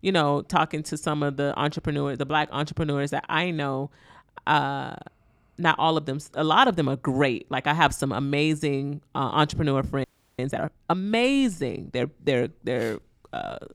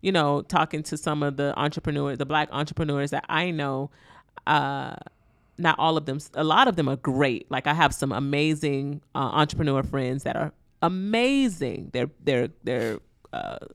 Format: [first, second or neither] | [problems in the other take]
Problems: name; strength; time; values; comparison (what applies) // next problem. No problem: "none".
second | audio freezing; at 10 s